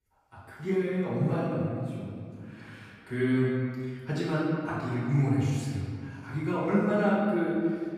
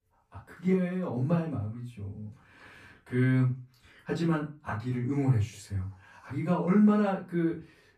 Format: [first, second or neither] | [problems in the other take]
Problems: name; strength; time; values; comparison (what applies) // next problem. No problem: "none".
second | room echo; strong; dies away in 1.9 s; slight in the second // off-mic speech; far; far in the second